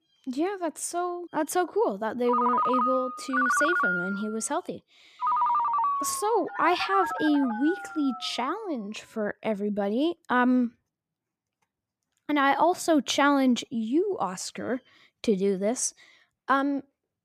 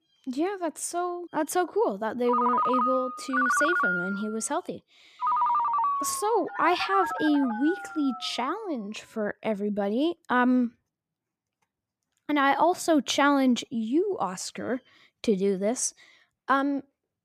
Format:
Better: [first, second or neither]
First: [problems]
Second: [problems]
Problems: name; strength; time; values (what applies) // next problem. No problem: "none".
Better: neither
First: phone ringing; loud; from 2.5 to 8.5 s; peak 4 dB above the speech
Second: phone ringing; loud; from 2.5 to 8.5 s; peak 4 dB above the speech